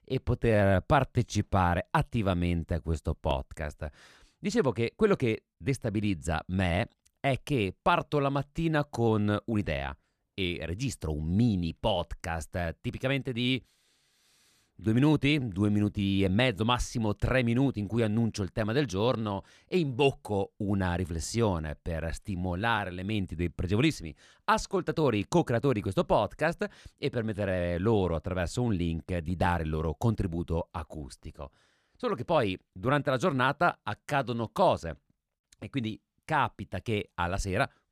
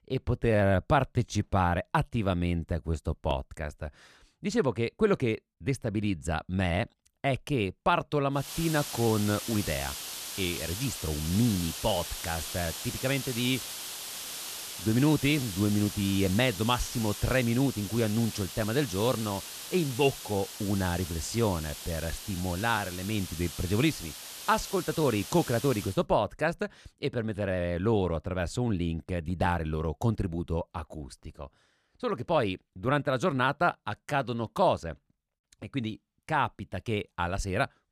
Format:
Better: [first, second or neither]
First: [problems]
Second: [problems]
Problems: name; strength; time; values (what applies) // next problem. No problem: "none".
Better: first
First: none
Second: hiss; loud; from 8.5 to 26 s; 8 dB below the speech